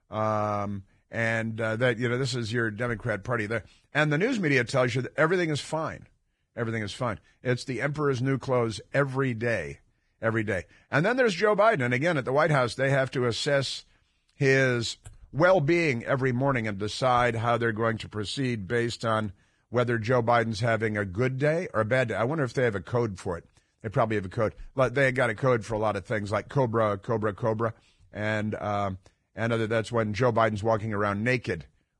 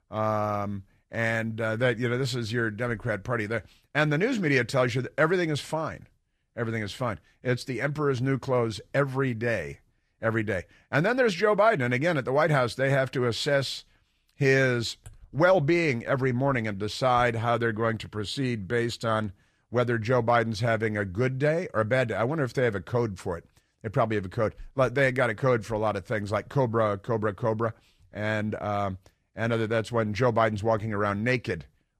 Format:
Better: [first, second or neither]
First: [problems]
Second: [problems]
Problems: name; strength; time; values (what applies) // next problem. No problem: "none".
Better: second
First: garbled, watery; badly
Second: garbled, watery; slightly; nothing above 14.5 kHz